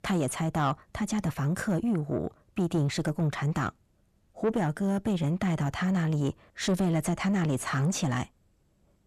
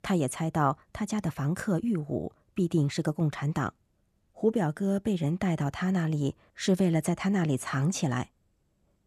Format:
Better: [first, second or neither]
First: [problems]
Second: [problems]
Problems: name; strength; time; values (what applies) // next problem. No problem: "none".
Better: second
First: distortion; slight; 9 dB below the speech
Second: none